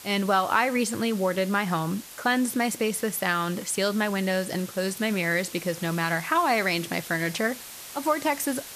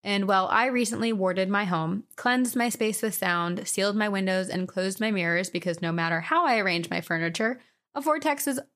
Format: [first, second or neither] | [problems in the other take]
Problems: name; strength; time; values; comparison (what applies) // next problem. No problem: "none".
second | hiss; noticeable; throughout; 15 dB below the speech